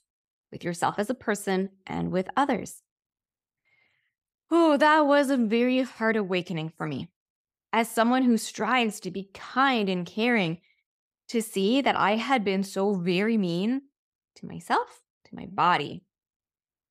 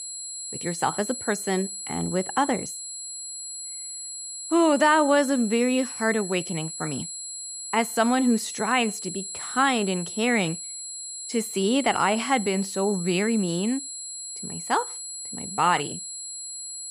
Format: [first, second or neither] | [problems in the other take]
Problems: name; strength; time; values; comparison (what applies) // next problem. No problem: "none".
first | high-pitched whine; loud; throughout; 7.5 kHz, 8 dB below the speech